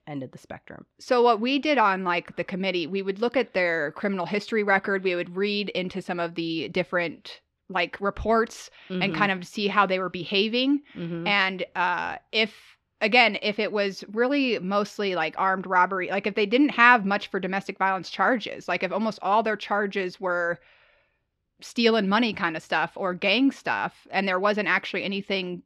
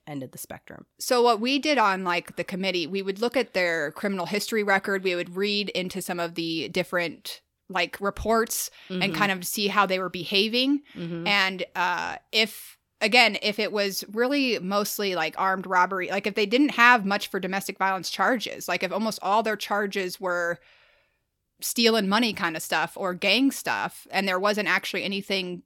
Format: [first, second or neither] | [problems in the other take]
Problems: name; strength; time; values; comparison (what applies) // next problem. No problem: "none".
second | muffled; very slightly; fading above 3 kHz